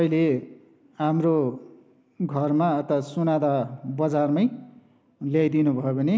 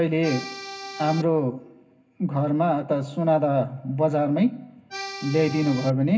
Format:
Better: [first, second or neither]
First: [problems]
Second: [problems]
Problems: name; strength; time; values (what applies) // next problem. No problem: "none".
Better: first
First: none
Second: background sound (Accordion); 11 dB below the speech // room echo; dies away in 0.4 s